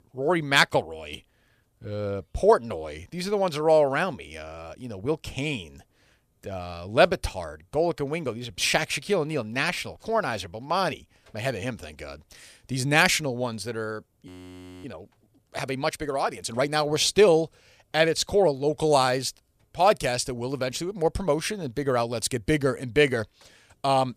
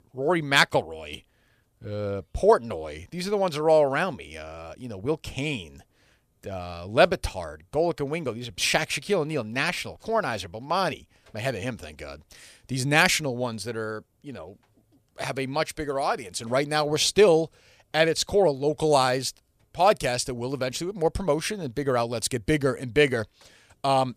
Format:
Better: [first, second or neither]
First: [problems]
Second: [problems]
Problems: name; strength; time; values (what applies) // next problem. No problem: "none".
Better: second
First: audio freezing; at 14 s for 0.5 s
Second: none